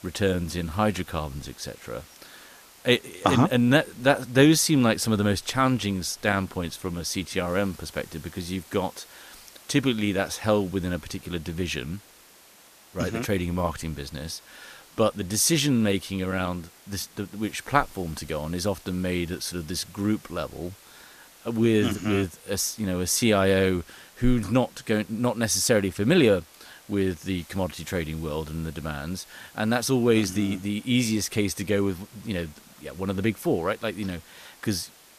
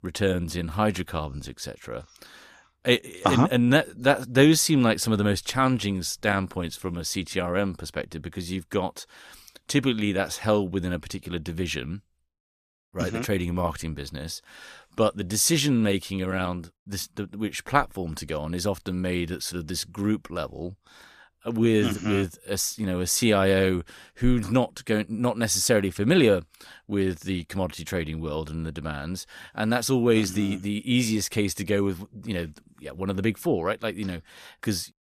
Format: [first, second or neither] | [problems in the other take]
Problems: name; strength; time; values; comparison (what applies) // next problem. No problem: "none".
second | hiss; faint; throughout; 25 dB below the speech